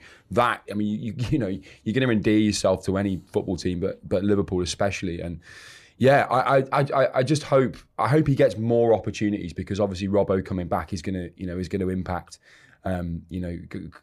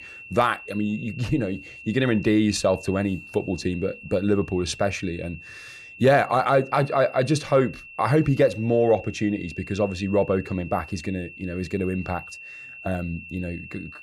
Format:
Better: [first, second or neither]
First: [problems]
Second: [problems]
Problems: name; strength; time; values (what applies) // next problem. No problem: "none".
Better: first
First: none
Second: high-pitched whine; noticeable; throughout; 2.5 kHz, 15 dB below the speech